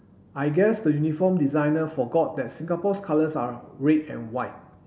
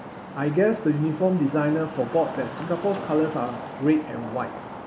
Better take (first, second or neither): first